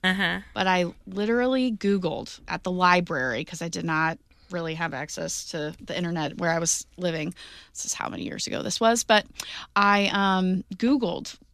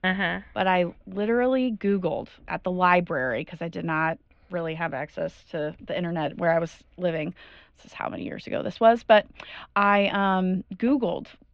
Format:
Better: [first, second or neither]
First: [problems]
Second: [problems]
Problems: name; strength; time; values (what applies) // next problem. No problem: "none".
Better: first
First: none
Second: muffled; very; fading above 2.5 kHz